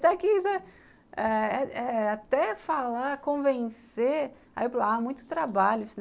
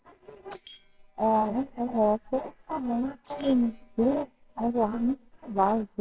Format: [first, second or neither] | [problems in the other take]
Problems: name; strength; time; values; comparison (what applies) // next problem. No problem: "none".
first | noise reduction (neural separator model SepFormer WHAMR!)